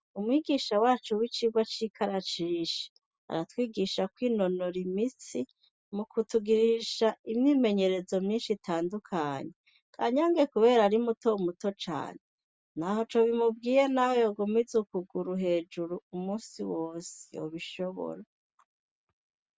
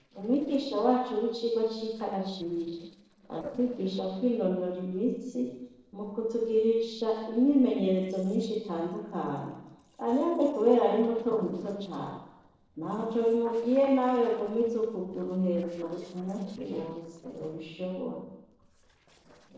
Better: first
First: none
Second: noise reduction (neural separator model SepFormer DNS4)

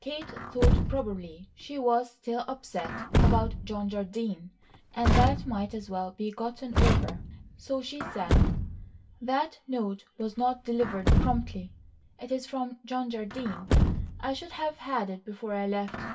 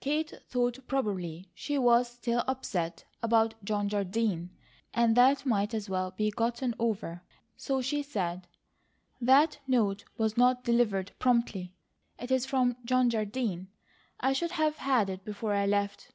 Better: second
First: background sound (Truck); 3 dB above the speech // room echo; dies away in 0.1 s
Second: none

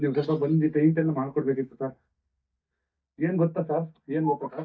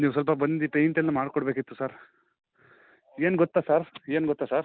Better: second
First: noise reduction (neural mask model DeepFilterNet 3)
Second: none

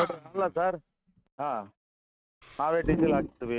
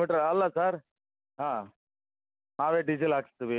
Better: second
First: noise reduction (neural mask model RNNoise)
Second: none

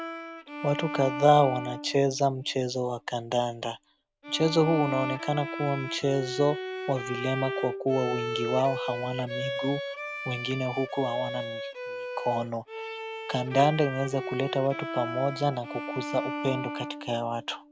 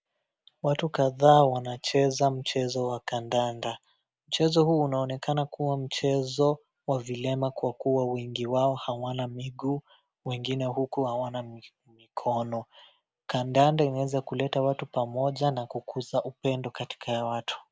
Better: second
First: background sound (Bowed string instrument); 7 dB below the speech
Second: none

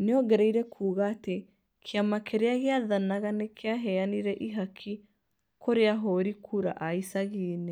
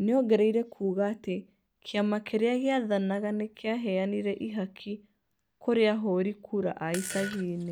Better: first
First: none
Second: background sound (Fart); 11 dB below the speech

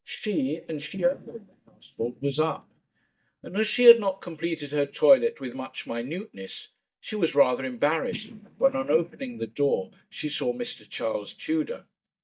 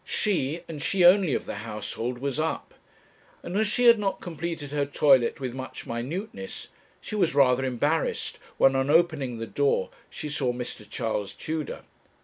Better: second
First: noise reduction (neural mask model DeepFilterNet 3)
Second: none

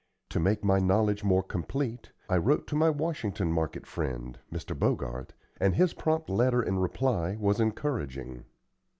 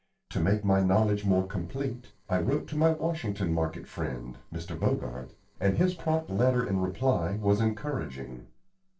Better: first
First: none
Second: noise reduction (neural separator model SepFormer DNS4)

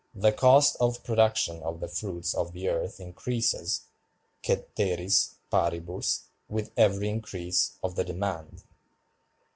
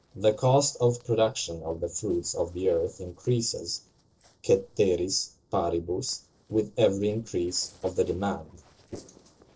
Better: first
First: none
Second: noise reduction (neural separator model SepFormer DNS4)

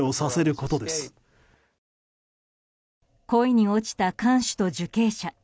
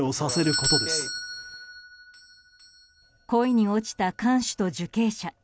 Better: first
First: none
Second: background sound (Doorbell); 6 dB below the speech

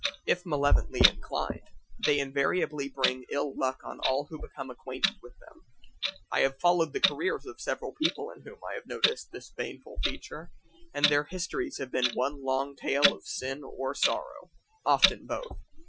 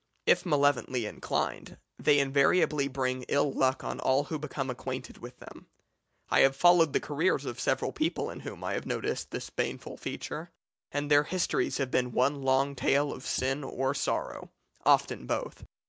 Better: second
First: noise reduction (classical method Wiener filter)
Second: none

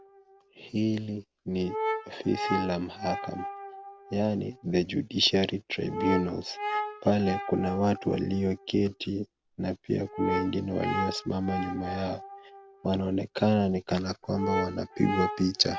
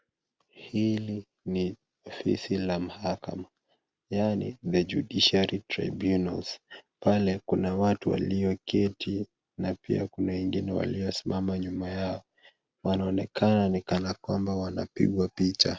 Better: second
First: background sound (Brass instrument); 7 dB below the speech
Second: none

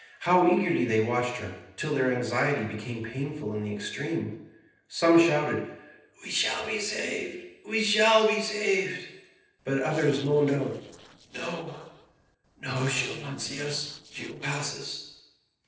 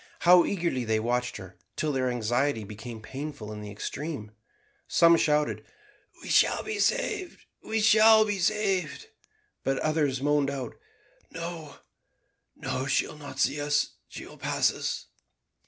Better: second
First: noise reduction (neural separator model SepFormer DNS4)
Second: none

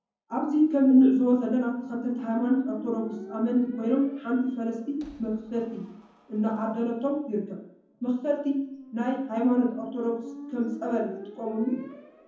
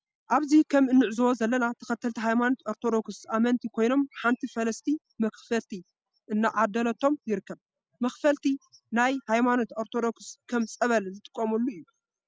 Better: second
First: background sound (Squeak); 18 dB below the speech // room echo; dies away in 0.7 s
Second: none

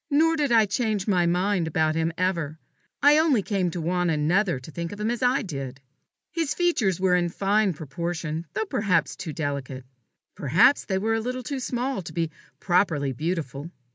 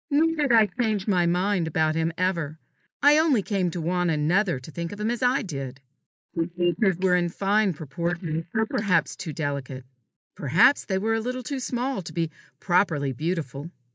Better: first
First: none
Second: noise reduction (neural mask model Resemble Enhance denoiser)

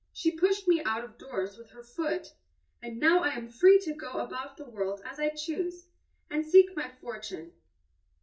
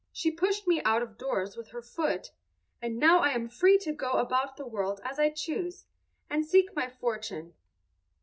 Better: second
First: room echo; dies away in 0.2 s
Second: none

